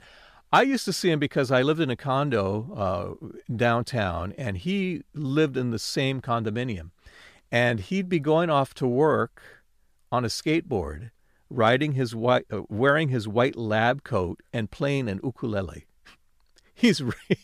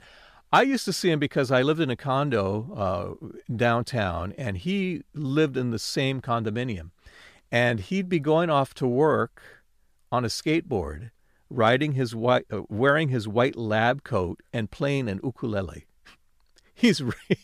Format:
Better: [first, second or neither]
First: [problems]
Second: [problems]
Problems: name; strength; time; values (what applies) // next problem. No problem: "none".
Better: neither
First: none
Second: none